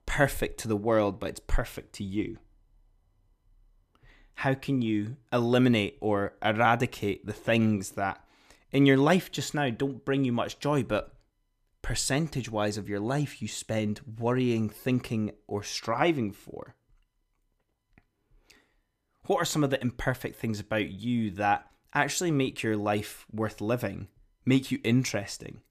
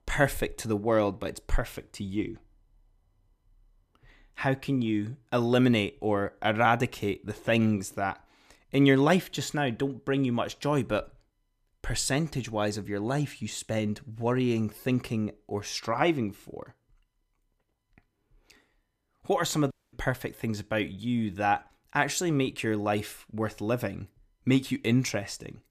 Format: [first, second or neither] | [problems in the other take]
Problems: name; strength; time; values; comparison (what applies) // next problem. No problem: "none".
first | audio cutting out; at 20 s